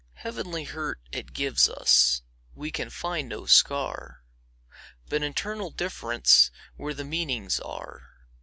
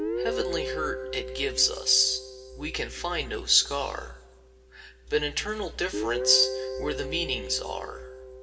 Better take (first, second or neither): first